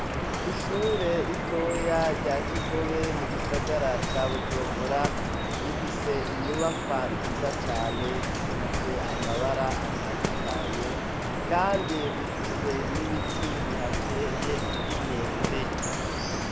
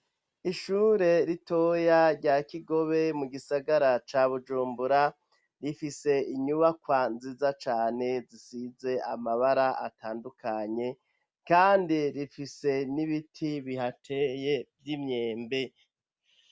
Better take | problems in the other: second | background sound (Waves, surf + Drip); 3 dB above the speech

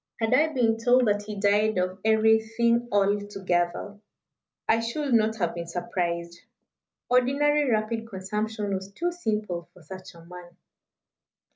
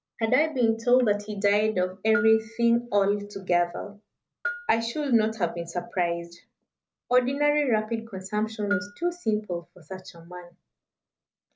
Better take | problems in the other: first | background sound (Bell); 14 dB below the speech

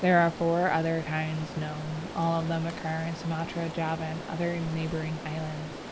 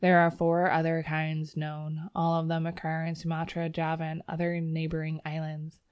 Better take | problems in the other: second | background sound (Stream); 11 dB below the speech

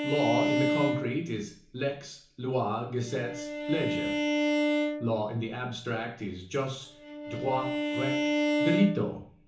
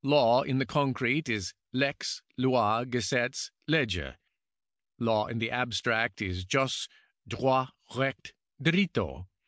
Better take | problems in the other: second | background sound (Bowed string instrument); as loud as the speech // room echo; dies away in 0.8 s

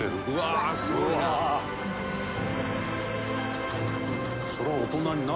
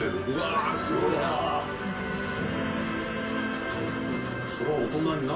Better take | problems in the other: first | room echo; dies away in 0.3 s

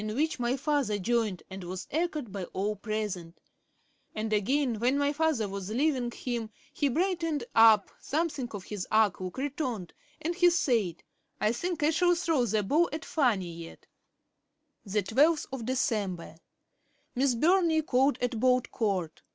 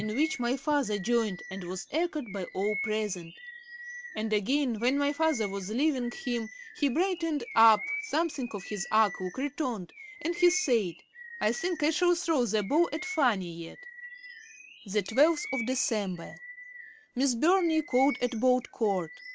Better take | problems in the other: first | background sound (Bird vocalization, bird call, bird song); 14 dB below the speech

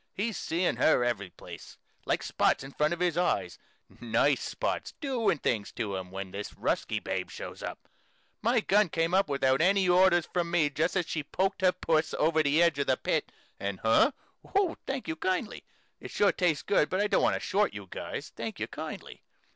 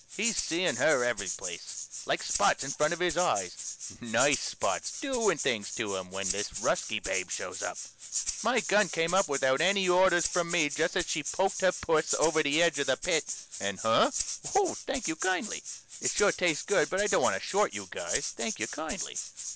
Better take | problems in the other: first | background sound (Rattle (instrument)); 7 dB below the speech

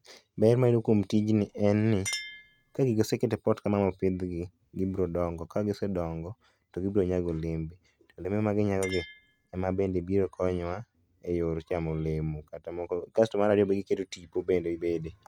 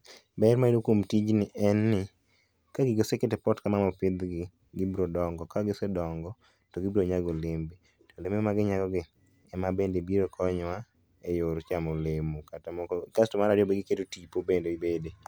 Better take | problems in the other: second | noise reduction (neural mask model RNNoise)

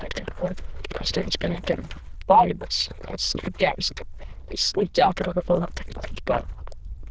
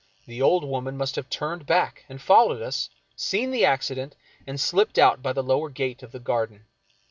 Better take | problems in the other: second | noise reduction (neural diffusion model UNIVERSE++)

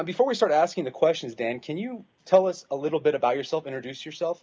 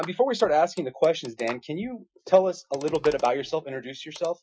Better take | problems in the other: first | noise reduction (classical method Wiener filter)

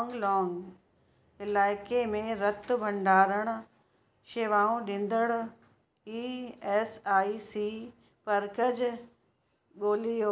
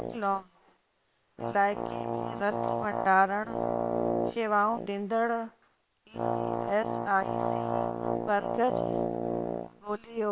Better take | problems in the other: first | noise reduction (neural separator model SepFormer WHAM!)

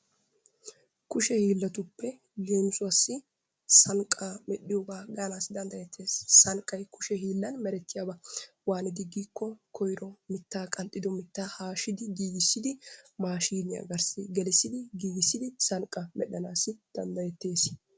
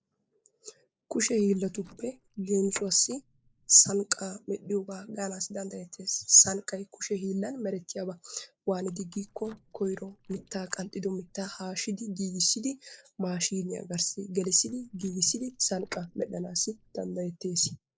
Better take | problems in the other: first | noise reduction (neural mask model Resemble Enhance denoiser)

